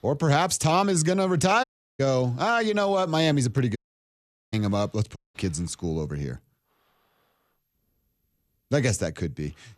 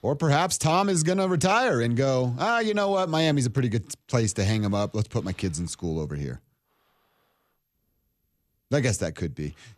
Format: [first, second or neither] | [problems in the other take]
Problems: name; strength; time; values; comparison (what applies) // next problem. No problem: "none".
second | audio cutting out; at 1.5 s, at 4 s for 1 s and at 5 s